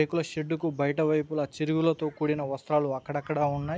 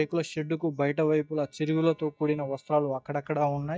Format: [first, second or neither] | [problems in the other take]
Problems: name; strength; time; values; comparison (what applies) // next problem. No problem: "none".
first | noise reduction (neural mask model DeepFilterNet 3)